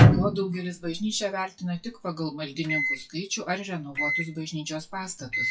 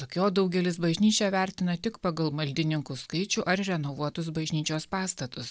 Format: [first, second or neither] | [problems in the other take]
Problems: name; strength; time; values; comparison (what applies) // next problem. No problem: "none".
second | noise reduction (classical method WPE with log-MMSE)